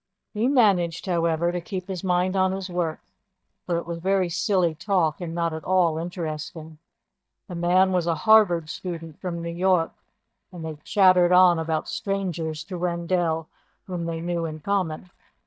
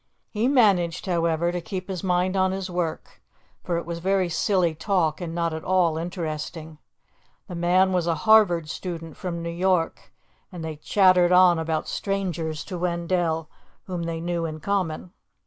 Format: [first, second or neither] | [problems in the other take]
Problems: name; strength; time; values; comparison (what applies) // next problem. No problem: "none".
second | noise reduction (neural mask model DeepFilterNet 3)